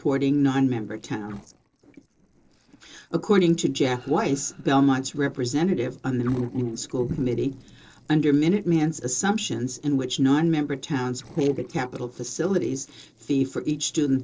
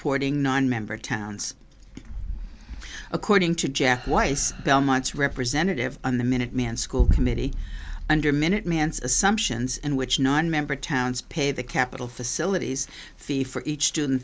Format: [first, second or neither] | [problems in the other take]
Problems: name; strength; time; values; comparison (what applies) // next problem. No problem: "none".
second | noise reduction (neural separator model SepFormer DNS4)